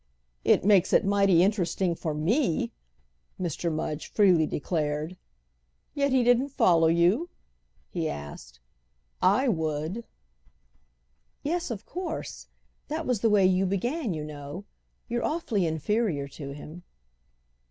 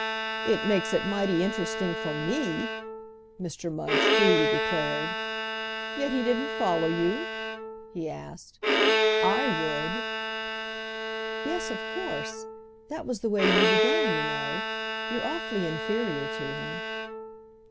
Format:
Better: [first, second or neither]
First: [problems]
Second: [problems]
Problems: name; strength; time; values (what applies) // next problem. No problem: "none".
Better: first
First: none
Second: background sound (Bowed string instrument); 2 dB above the speech